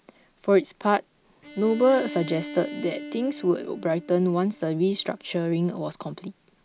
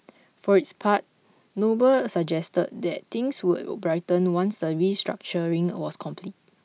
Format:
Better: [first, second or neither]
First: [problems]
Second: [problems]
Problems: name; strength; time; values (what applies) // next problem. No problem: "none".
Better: second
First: background sound (Bowed string instrument); 16 dB below the speech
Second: none